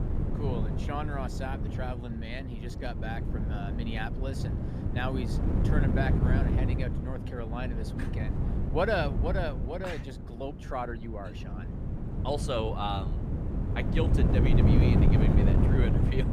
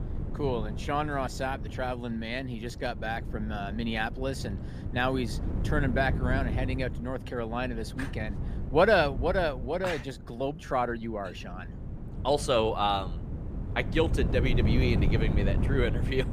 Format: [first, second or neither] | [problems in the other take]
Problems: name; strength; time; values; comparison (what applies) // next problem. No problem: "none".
second | wind noise on the microphone; heavy; 3 dB below the speech; occasional gusts in the second